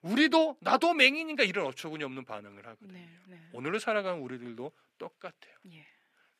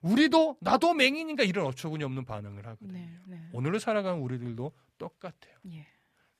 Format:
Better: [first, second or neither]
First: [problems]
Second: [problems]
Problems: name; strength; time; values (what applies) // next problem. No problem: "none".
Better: second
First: thin; very slightly; fading below 300 Hz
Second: none